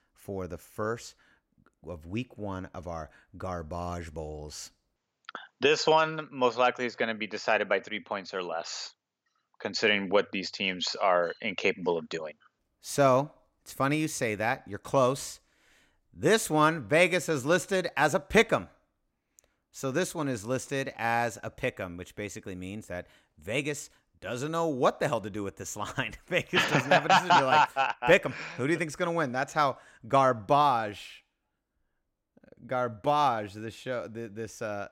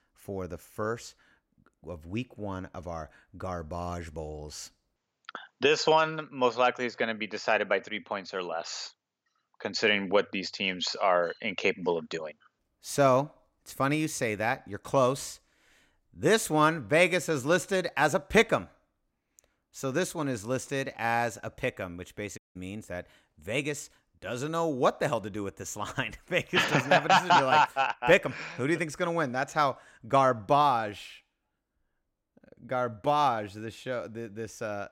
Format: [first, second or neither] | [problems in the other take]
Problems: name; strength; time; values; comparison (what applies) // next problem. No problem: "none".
first | audio cutting out; at 22 s